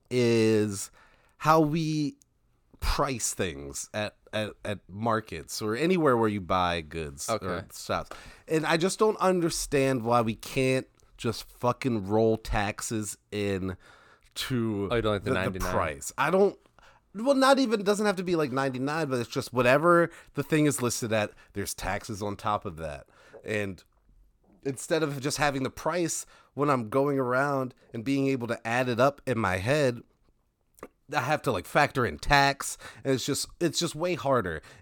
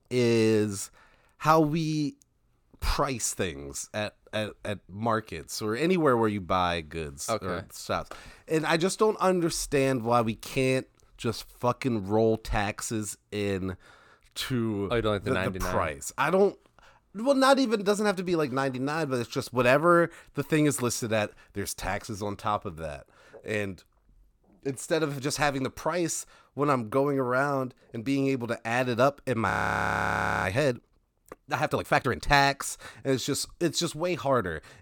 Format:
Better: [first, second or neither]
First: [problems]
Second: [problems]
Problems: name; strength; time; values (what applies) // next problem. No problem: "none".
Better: first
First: none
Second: audio freezing; at 30 s for 1 s